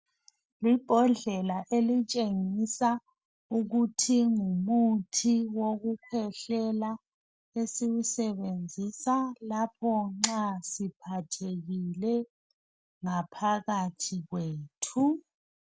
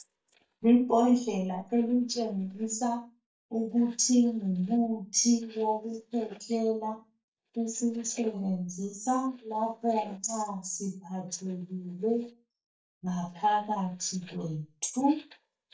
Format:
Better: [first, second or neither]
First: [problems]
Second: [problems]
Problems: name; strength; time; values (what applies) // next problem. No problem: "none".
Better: first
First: none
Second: noise reduction (neural mask model DeepFilterNet 3)